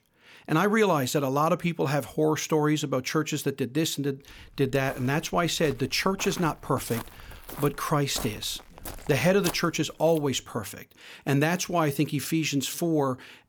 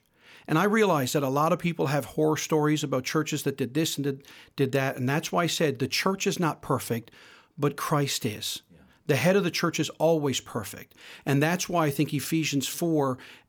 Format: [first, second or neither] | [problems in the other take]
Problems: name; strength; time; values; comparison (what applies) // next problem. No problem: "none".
second | footsteps; noticeable; from 4.5 to 10 s; peak 8 dB below the speech